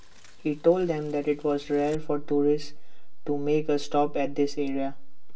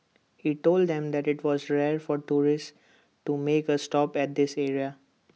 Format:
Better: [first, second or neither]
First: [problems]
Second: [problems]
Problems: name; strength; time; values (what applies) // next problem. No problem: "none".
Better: second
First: background sound (Mechanisms / Bicycle); 4 dB below the speech // room echo; dies away in 0.2 s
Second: none